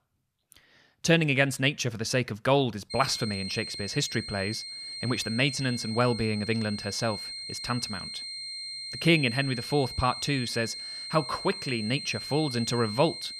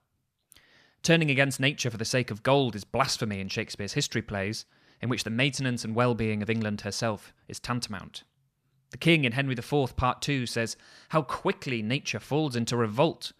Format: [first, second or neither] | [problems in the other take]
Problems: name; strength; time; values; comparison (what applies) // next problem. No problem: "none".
second | high-pitched whine; loud; from 3 s on; 4 kHz, 8 dB below the speech